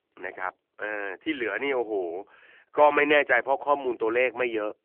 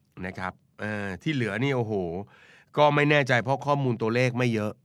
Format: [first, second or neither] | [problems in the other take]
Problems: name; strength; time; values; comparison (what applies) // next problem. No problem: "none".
second | phone-call audio; nothing above 3 kHz